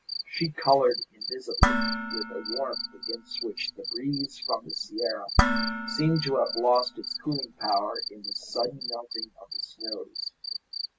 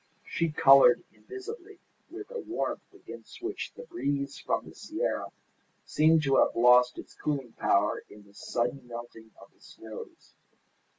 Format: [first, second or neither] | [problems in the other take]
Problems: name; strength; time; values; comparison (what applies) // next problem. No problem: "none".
second | background sound (Dishes, pots, and pans + Cricket); 1 dB below the speech